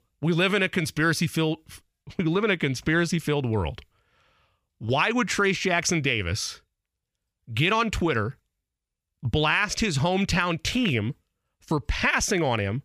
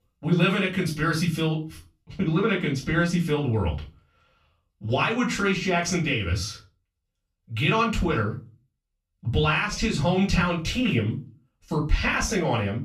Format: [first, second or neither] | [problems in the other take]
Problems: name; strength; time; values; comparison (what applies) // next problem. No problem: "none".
first | off-mic speech; far // room echo; slight; dies away in 0.3 s